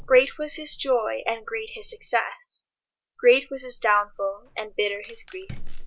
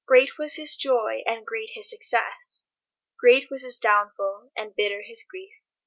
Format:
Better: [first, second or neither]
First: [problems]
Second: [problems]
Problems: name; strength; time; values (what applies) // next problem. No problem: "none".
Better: second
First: background sound (Fire); 13 dB below the speech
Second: none